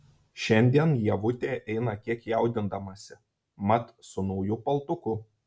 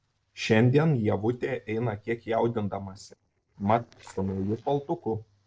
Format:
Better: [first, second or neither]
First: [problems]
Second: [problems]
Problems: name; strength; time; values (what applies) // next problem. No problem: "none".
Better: first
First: none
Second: noise reduction (neural separator model SepFormer DNS4)